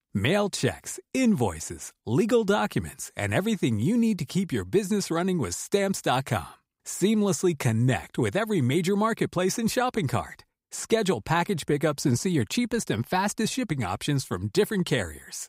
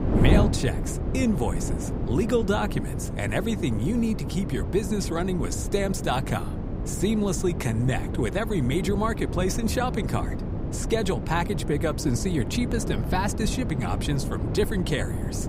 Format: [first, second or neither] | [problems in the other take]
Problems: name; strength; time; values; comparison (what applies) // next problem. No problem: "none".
first | wind noise on the microphone; heavy; 7 dB below the speech